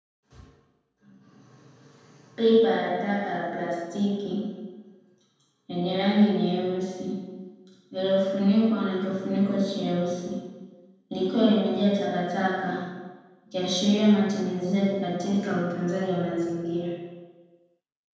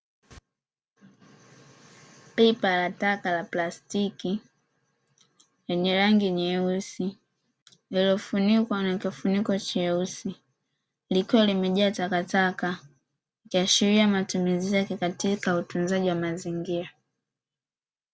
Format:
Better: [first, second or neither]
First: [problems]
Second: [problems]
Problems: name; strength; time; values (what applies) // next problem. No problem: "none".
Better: second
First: room echo; dies away in 1.2 s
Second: none